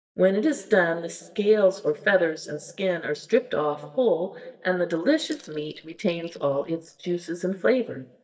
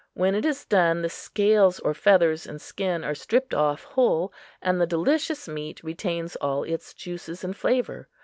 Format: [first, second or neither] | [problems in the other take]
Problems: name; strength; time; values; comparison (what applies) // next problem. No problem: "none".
second | noise reduction (neural mask model DeepFilterNet 3)